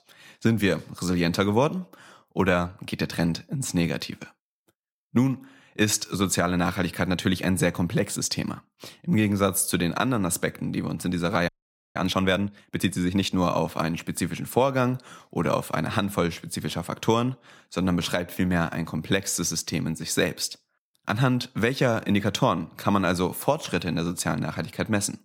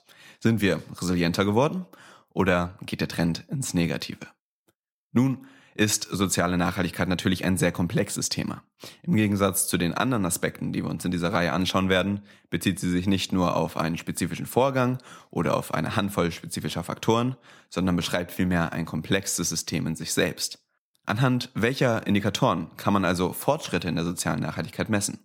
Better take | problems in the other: second | audio freezing; at 11 s

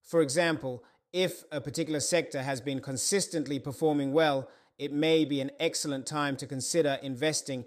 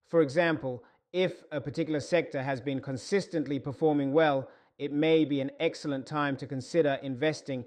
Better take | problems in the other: first | muffled; slightly; fading above 3 kHz

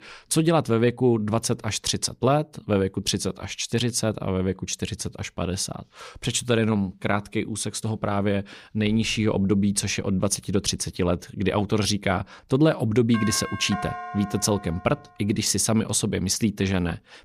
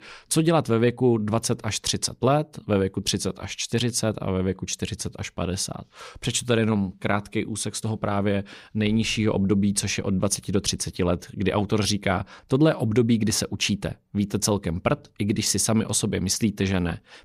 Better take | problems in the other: second | doorbell; noticeable; from 13 to 15 s; peak 8 dB below the speech

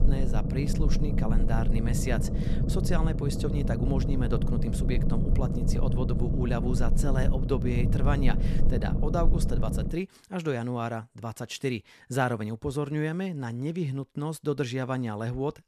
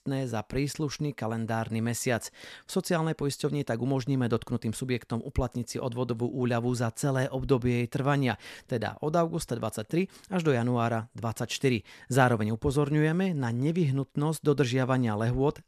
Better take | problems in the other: second | low rumble; loud; until 10 s; 4 dB below the speech

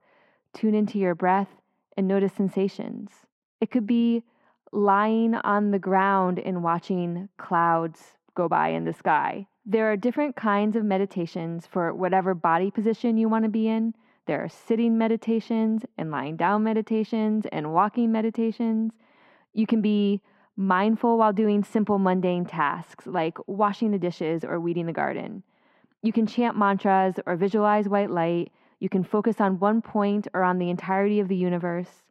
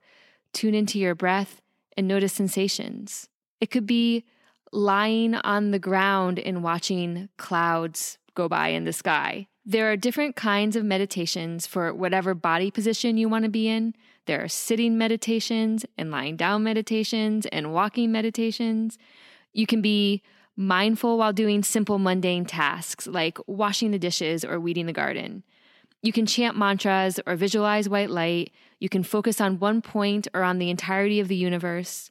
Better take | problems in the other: second | muffled; very; fading above 3 kHz

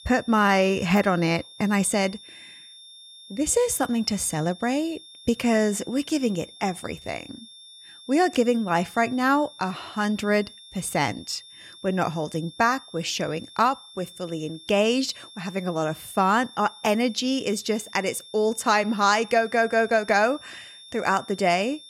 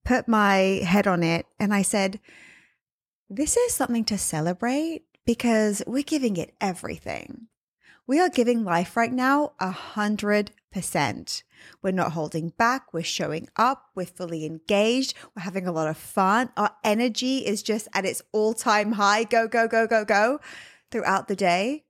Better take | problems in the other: second | high-pitched whine; noticeable; throughout; 3.5 kHz, 20 dB below the speech

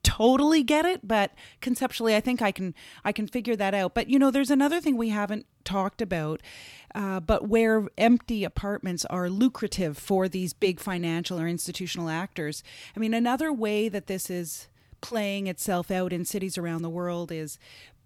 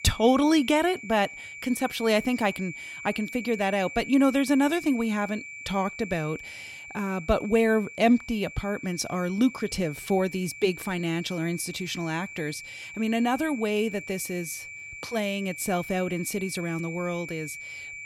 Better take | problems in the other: first | high-pitched whine; noticeable; throughout; 2.5 kHz, 10 dB below the speech

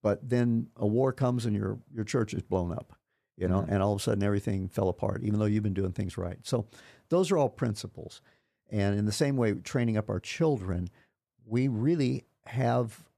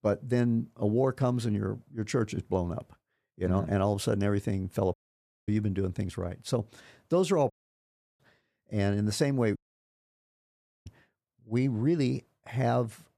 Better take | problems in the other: first | audio cutting out; at 5 s for 0.5 s, at 7.5 s for 0.5 s and at 9.5 s for 1.5 s

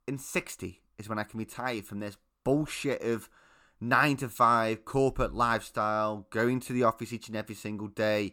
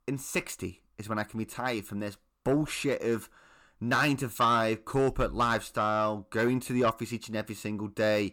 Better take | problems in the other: first | distortion; slight; 10 dB below the speech

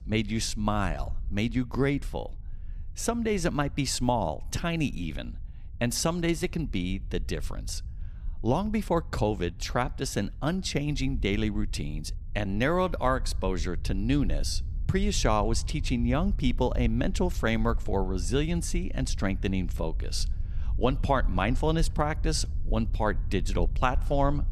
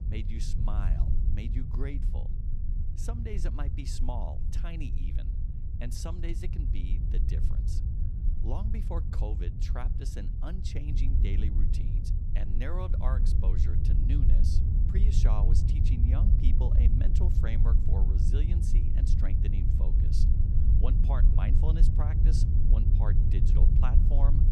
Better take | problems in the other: first | low rumble; loud; throughout; 1 dB below the speech; faint in the first

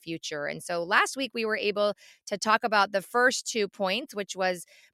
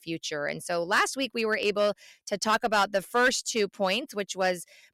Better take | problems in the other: first | distortion; slight; 3% of the sound clipped

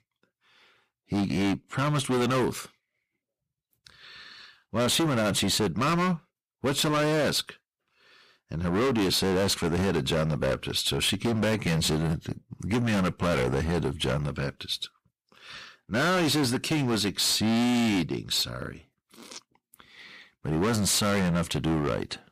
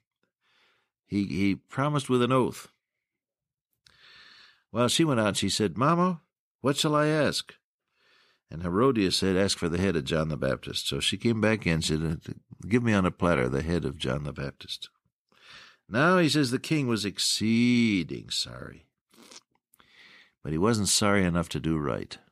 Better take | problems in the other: second | distortion; heavy; 19% of the sound clipped

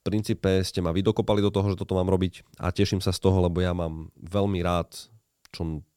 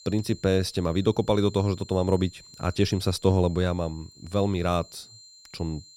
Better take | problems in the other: first | high-pitched whine; faint; throughout; 4 kHz, 20 dB below the speech

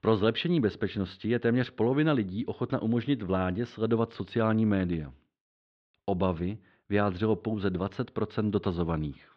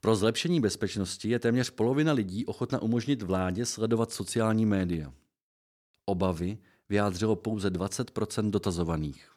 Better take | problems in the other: second | muffled; very; fading above 3.5 kHz

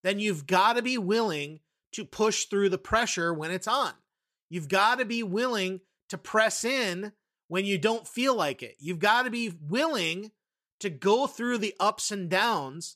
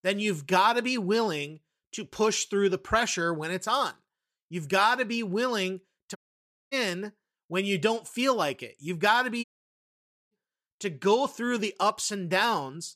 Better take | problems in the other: first | audio cutting out; at 6 s for 0.5 s and at 9.5 s for 1 s

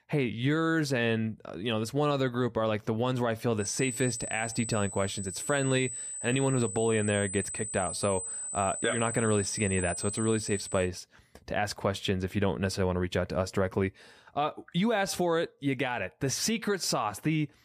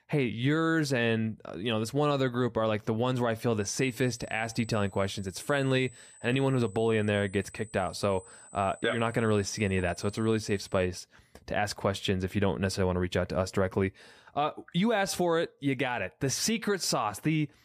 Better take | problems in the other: second | high-pitched whine; loud; from 3.5 to 11 s; 8 kHz, 5 dB below the speech; faint in the second

